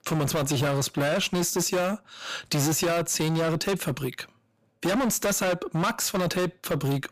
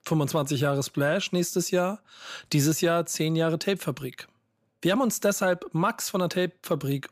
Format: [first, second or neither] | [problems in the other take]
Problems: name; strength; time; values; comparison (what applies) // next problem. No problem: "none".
second | distortion; heavy; 24% of the sound clipped